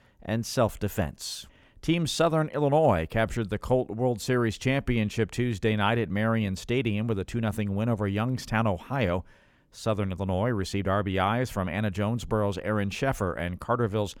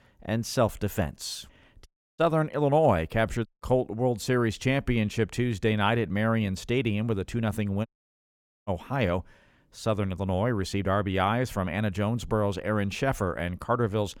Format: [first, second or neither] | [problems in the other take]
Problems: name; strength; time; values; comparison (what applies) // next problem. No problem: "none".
first | audio cutting out; at 2 s, at 3.5 s and at 8 s for 1 s